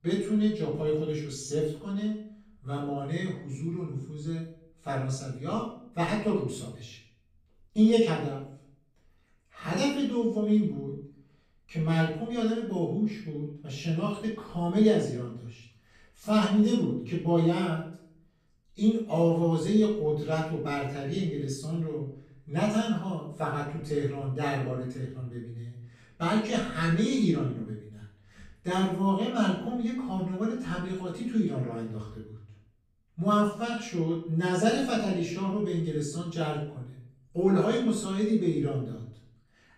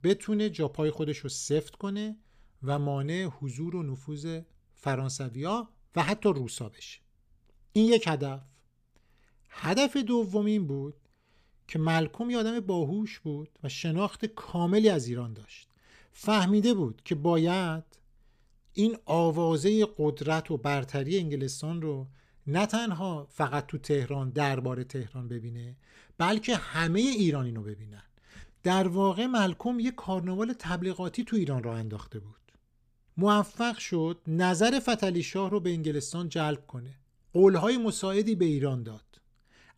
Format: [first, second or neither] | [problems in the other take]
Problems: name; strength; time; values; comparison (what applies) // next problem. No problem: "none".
second | off-mic speech; far // room echo; noticeable; dies away in 0.5 s